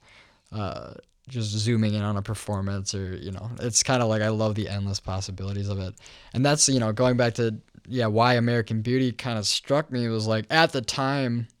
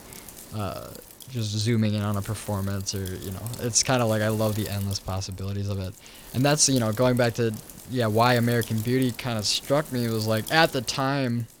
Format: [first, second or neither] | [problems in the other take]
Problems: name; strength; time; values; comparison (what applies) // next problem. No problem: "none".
first | wind noise on the microphone; occasional gusts; 20 dB below the speech